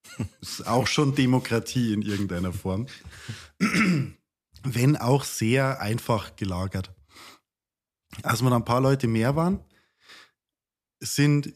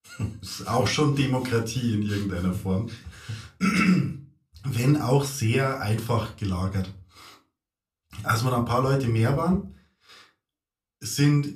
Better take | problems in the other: first | off-mic speech; somewhat distant // room echo; very slight; dies away in 0.2 s

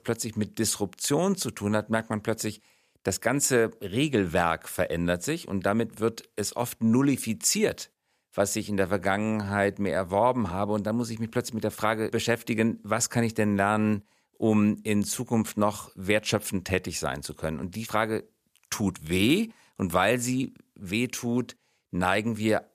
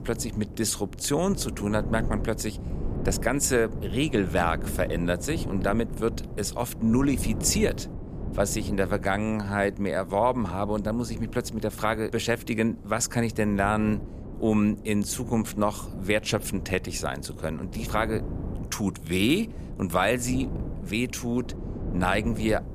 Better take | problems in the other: first | wind noise on the microphone; occasional gusts; 15 dB below the speech

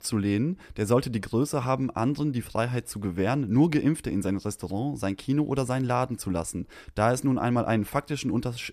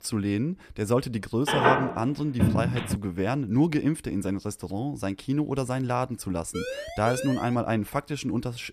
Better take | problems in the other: first | phone ringing; loud; from 1.5 to 3 s; peak 6 dB above the speech // siren; noticeable; from 6.5 to 7.5 s; peak 6 dB below the speech

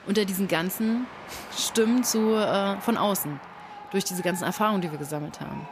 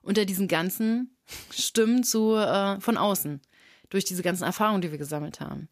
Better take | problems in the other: second | train or aircraft noise; noticeable; throughout; 15 dB below the speech

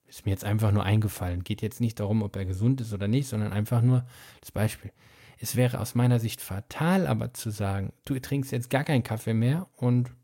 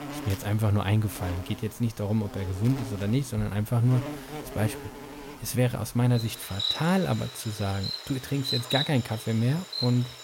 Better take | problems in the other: first | animal sounds; loud; throughout; 7 dB below the speech

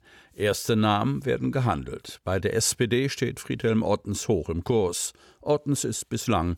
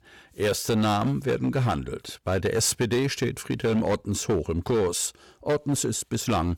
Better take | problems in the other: first | distortion; slight; 9% of the sound clipped

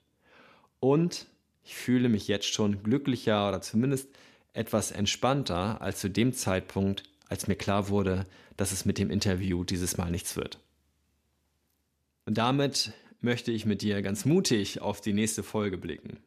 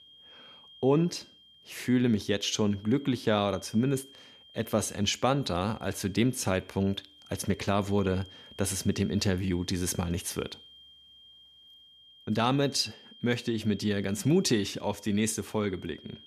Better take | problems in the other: first | high-pitched whine; faint; throughout; 3 kHz, 25 dB below the speech

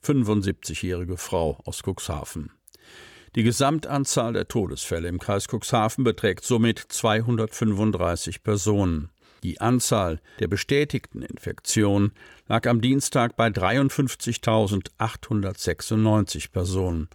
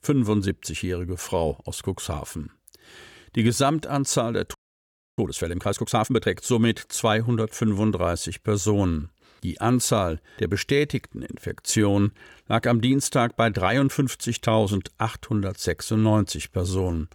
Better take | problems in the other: first | audio freezing; at 4.5 s for 0.5 s

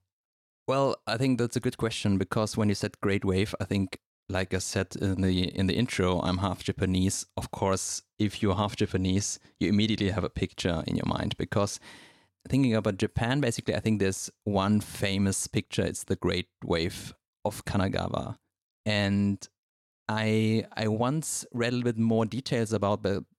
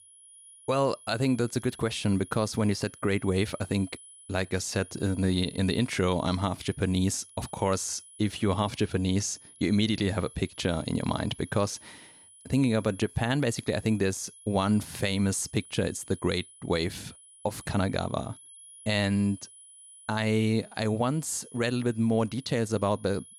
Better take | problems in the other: first | high-pitched whine; noticeable; throughout; 10 kHz, 20 dB below the speech

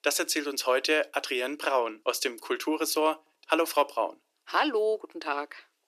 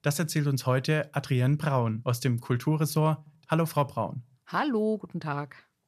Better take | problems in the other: second | thin; very; fading below 300 Hz

